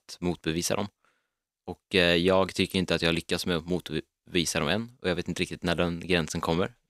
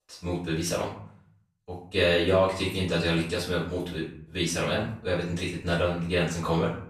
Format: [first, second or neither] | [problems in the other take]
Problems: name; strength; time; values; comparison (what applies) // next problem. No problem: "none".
first | off-mic speech; far // room echo; noticeable; dies away in 0.5 s